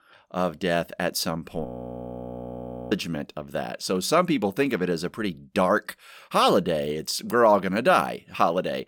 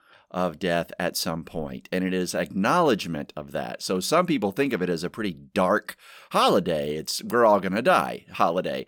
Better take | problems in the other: second | audio freezing; at 1.5 s for 1.5 s

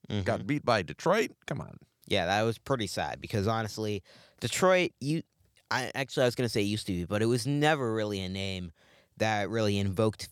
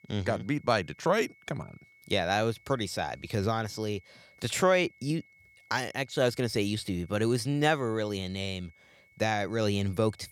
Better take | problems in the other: first | high-pitched whine; faint; throughout; 2 kHz, 30 dB below the speech

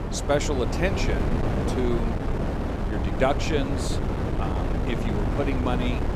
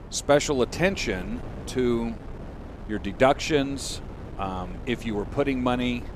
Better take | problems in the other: second | wind noise on the microphone; heavy; 3 dB below the speech; occasional gusts in the second

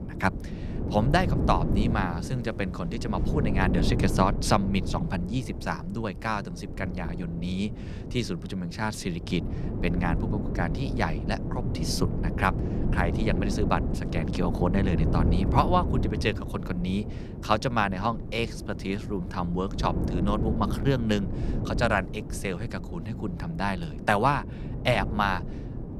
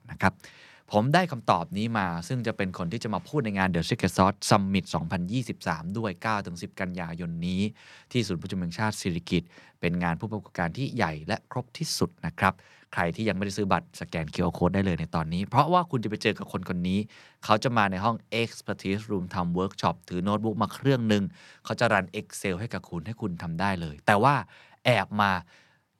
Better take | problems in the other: second | wind noise on the microphone; heavy; 10 dB below the speech

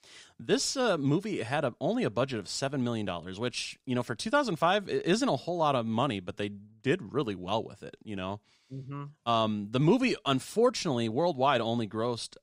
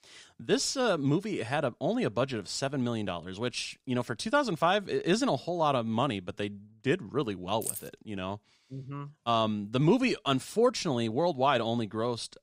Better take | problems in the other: first | jangling keys; noticeable; at 7.5 s; peak 6 dB below the speech

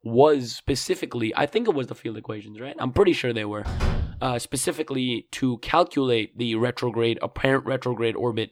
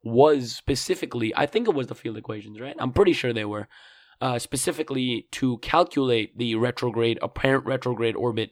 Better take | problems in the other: second | door banging; noticeable; at 3.5 s; peak 3 dB below the speech

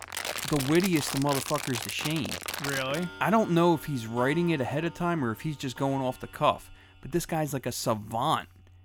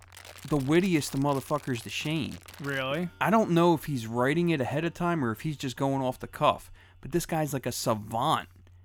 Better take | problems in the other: second | household noises; loud; throughout; 7 dB below the speech; faint in the second

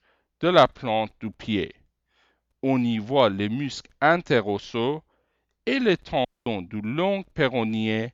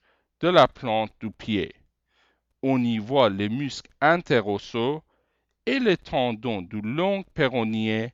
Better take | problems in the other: second | audio cutting out; at 6.5 s

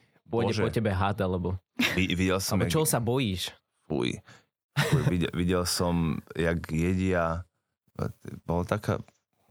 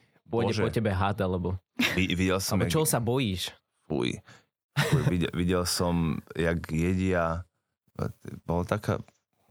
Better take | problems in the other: neither | none

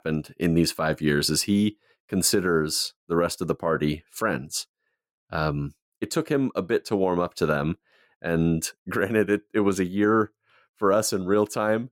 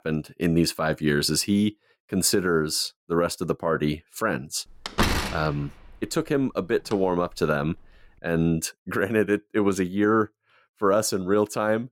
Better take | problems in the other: first | door banging; loud; from 5 to 7 s; peak 1 dB above the speech

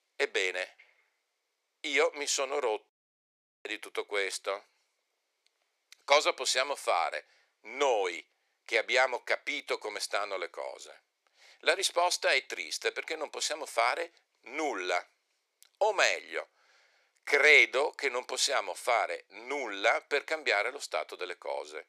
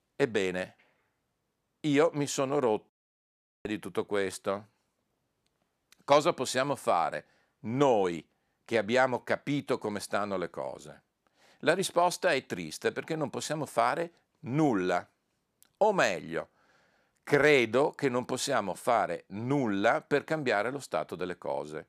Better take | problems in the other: second | thin; very; fading below 400 Hz

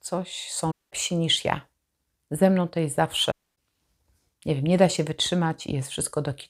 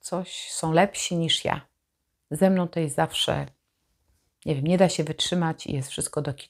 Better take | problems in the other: second | audio cutting out; at 0.5 s and at 3.5 s

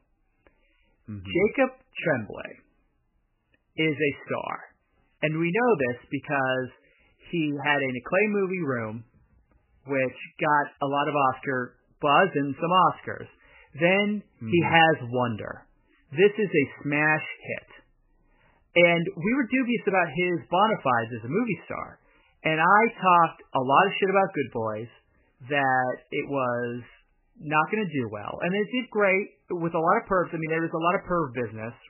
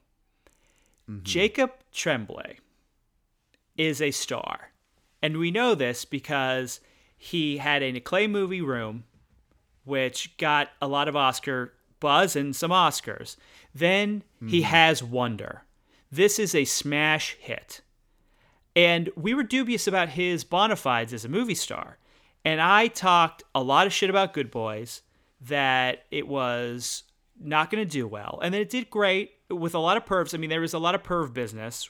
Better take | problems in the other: second | garbled, watery; badly; nothing above 3 kHz

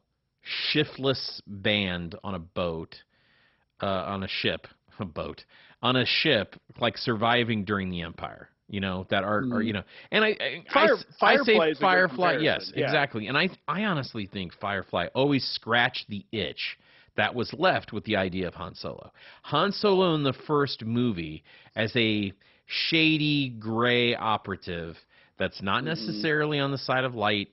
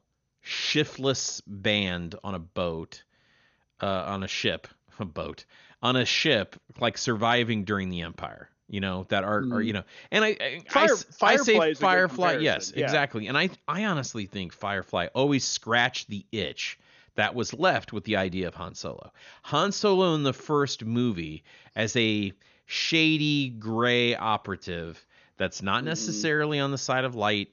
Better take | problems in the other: second | garbled, watery; badly; nothing above 5.5 kHz; slightly in the second

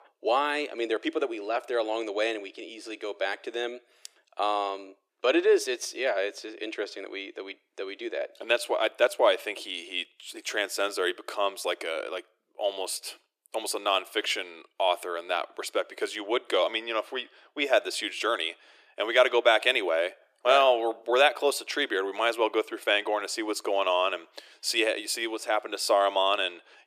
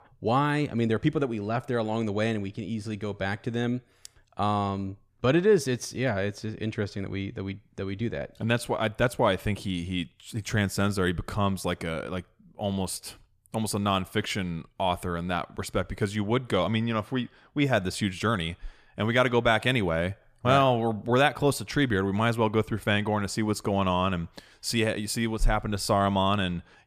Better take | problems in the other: second | thin; very; fading below 350 Hz

